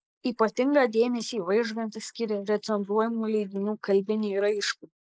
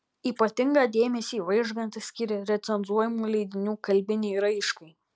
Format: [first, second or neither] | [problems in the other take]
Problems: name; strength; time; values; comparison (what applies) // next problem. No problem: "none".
second | noise reduction (neural mask model Resemble Enhance denoiser)